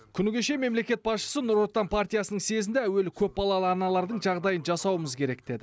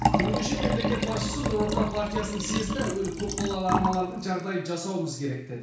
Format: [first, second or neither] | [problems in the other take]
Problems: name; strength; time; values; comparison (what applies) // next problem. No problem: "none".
first | background sound (Liquid); 1 dB above the speech // room echo; dies away in 0.6 s